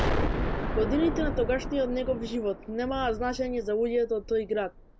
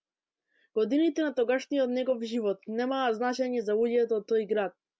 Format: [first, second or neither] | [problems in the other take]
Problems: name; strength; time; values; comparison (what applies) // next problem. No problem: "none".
second | background sound (Explosion); 3 dB below the speech